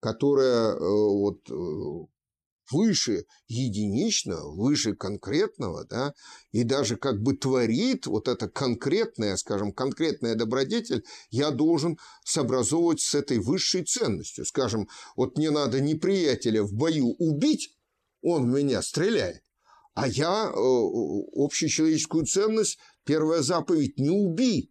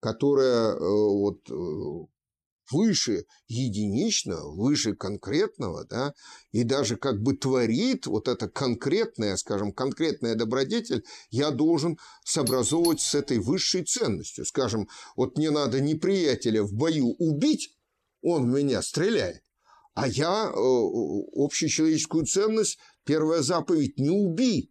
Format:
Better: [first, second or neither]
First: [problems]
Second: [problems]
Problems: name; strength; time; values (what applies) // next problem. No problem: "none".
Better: first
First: none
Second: doorbell; noticeable; at 12 s; peak 7 dB below the speech